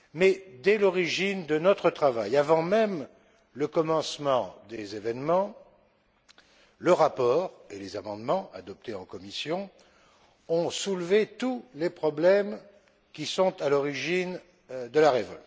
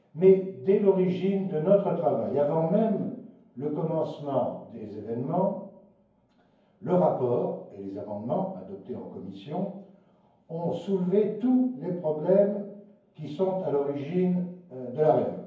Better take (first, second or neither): first